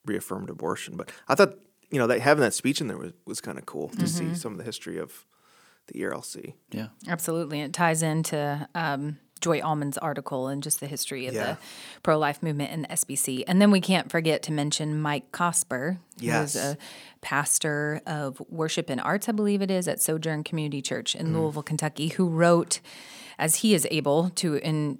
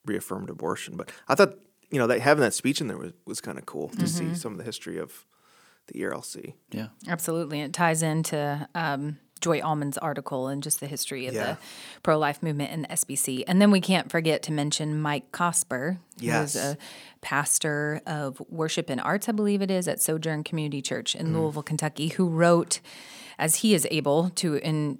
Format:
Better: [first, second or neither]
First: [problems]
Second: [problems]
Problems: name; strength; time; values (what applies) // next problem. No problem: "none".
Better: neither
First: none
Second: none